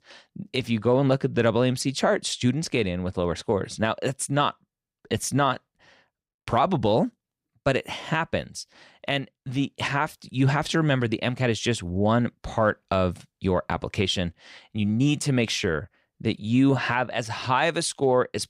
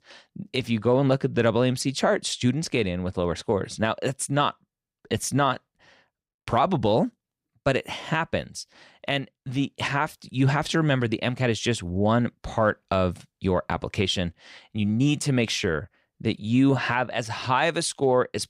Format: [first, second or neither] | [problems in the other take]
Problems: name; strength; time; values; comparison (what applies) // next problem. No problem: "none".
neither | none